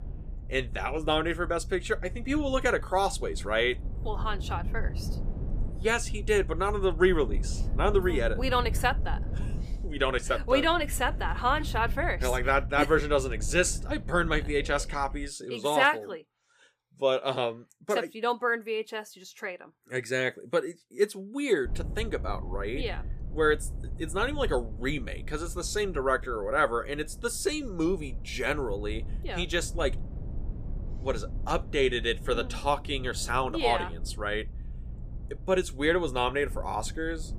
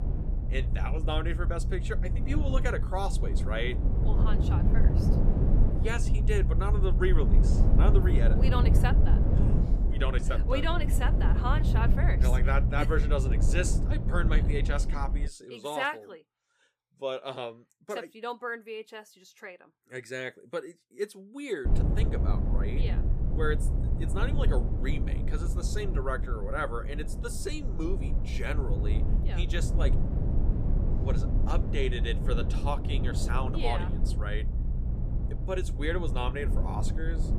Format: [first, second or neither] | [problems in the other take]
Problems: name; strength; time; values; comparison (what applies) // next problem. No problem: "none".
first | low rumble; loud; until 15 s and from 22 s on; 6 dB below the speech; faint in the first